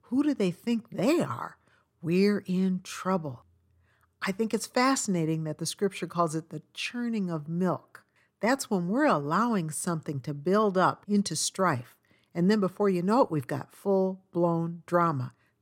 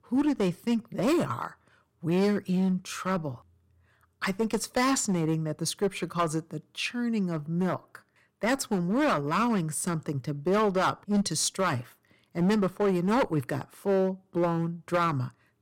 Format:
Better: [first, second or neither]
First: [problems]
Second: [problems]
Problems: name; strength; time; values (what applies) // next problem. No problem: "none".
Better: first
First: none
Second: distortion; slight; 7% of the sound clipped